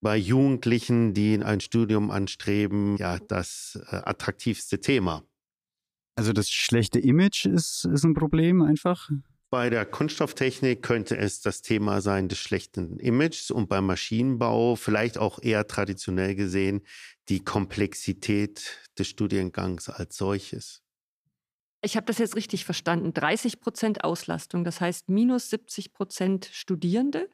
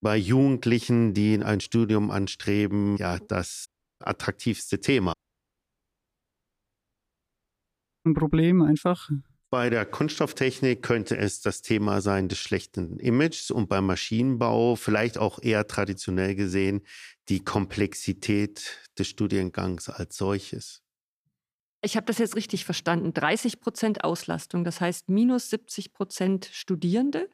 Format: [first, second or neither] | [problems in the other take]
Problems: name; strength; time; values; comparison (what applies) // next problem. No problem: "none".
first | audio cutting out; at 3.5 s and at 5 s for 3 s